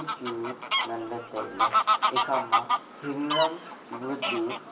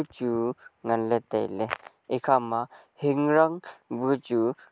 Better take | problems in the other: second | background sound (Fowl); 5 dB above the speech // room echo; dies away in 0.4 s

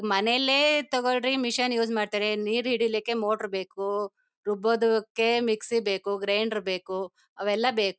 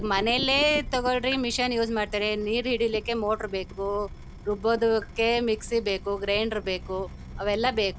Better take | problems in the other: first | background sound (Drip / Water tap, faucet); 13 dB below the speech

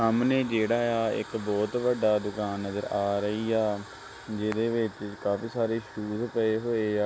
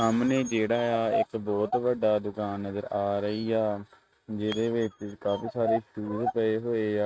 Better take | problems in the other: first | noise reduction (neural mask model RNNoise)

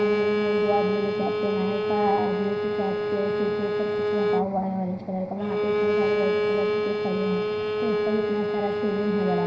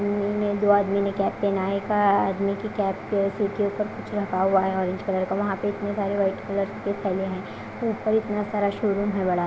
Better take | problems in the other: second | background sound (Bowed string instrument); 3 dB above the speech // room echo; dies away in 0.9 s

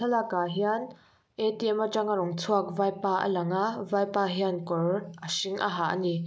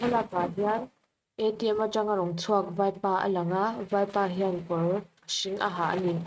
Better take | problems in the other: first | noise reduction (neural mask model RNNoise)

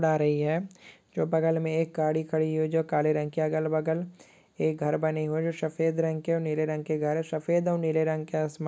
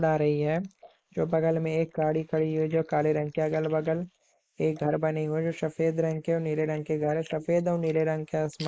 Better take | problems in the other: first | noise reduction (neural mask model Resemble Enhance denoiser)

